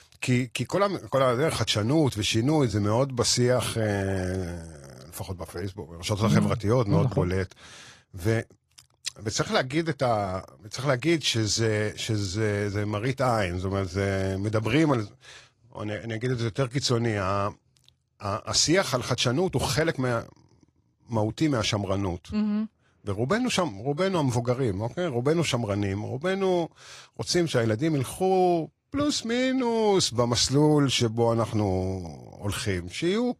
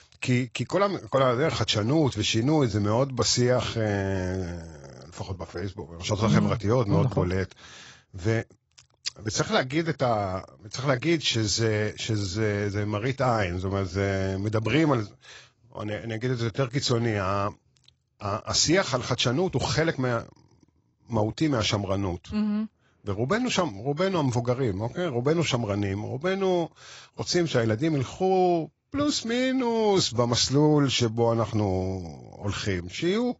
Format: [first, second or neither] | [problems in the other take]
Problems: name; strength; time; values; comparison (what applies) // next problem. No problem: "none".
first | garbled, watery; badly; nothing above 7.5 kHz; slightly in the first